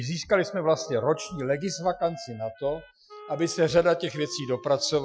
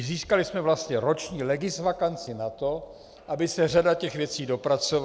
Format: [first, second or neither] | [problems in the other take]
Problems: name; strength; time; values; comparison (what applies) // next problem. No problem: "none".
second | noise reduction (classical method Wiener filter)